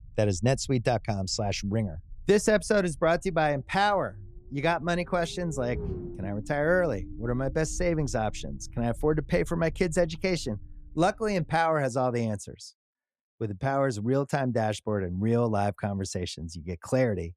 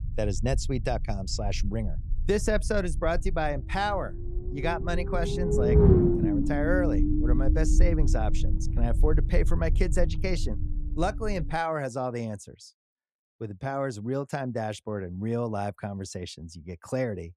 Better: first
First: low rumble; faint; until 12 s; 20 dB below the speech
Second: low rumble; loud; until 12 s; 1 dB below the speech

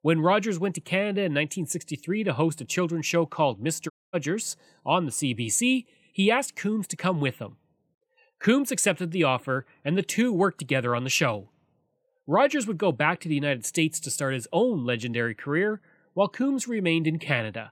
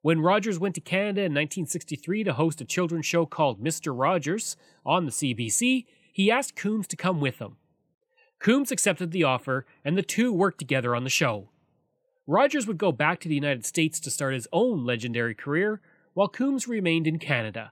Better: second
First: audio cutting out; at 4 s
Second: none

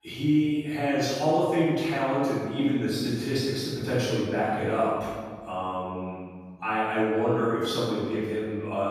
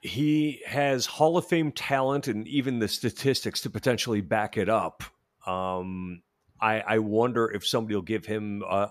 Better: second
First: off-mic speech; far // room echo; strong; dies away in 1.6 s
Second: none

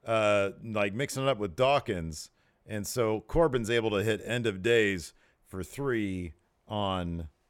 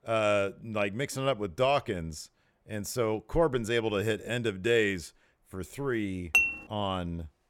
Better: first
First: none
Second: clattering dishes; loud; at 6.5 s; peak 6 dB above the speech

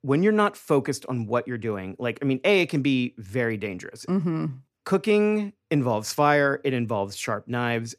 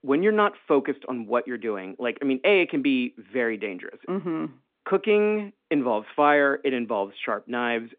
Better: first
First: none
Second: phone-call audio

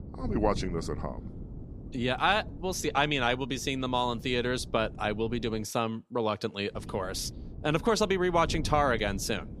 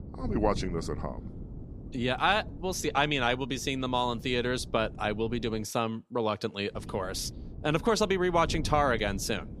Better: neither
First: wind noise on the microphone; occasional gusts; until 5.5 s and from 6.5 s on; 20 dB below the speech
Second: wind noise on the microphone; occasional gusts; until 5.5 s and from 6.5 s on; 20 dB below the speech

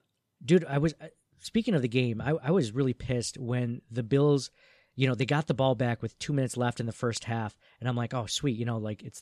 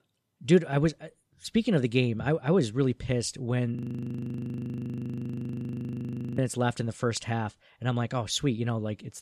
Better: first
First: none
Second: audio freezing; at 4 s for 2.5 s

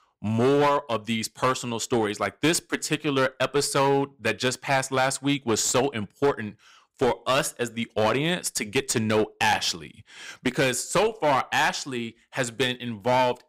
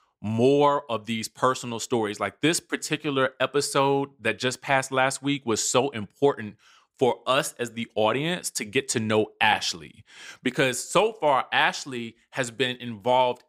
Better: second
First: distortion; slight; 8% of the sound clipped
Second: none

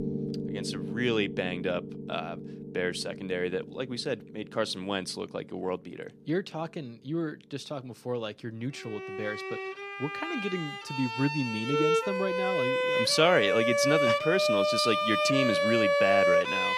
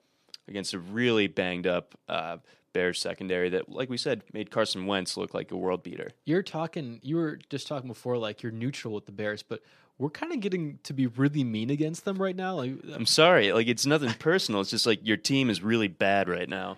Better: second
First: background music; very loud; throughout; 2 dB above the speech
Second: none

